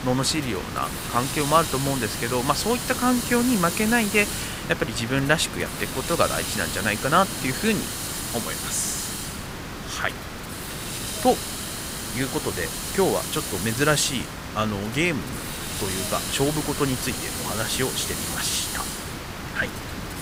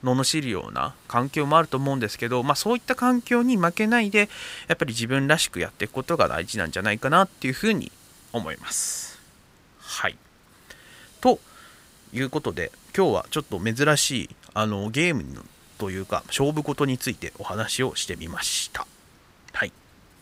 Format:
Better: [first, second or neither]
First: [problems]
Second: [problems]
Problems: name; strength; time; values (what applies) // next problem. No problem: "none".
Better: second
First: hiss; loud; throughout; 4 dB below the speech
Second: hiss; faint; throughout; 25 dB below the speech